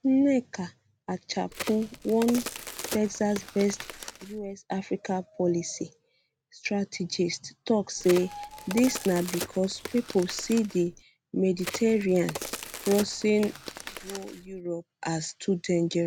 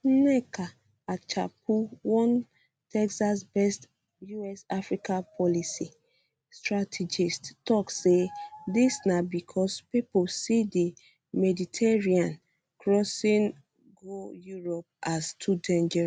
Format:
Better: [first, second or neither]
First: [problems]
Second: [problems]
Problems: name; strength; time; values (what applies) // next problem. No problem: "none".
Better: second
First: background sound (Crack); 11 dB below the speech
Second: none